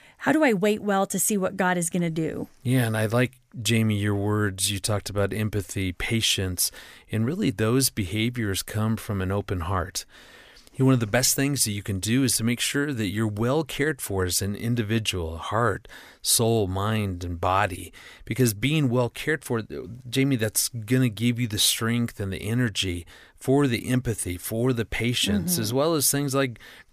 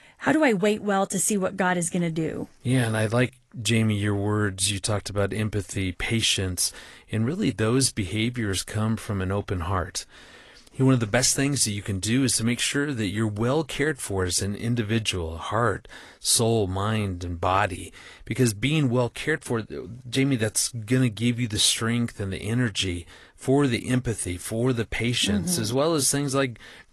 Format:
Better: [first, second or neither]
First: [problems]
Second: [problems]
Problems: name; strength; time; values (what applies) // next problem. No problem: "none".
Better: first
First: none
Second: garbled, watery; slightly; nothing above 11.5 kHz